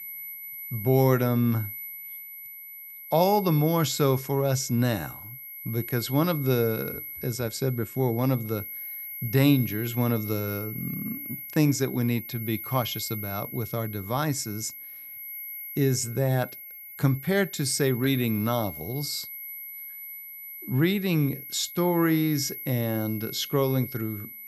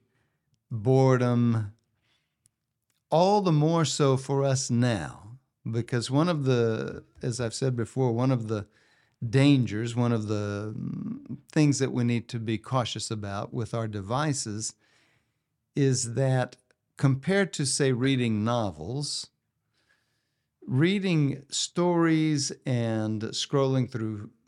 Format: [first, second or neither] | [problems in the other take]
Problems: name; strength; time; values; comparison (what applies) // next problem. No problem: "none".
second | high-pitched whine; loud; throughout; 11.5 kHz, 10 dB below the speech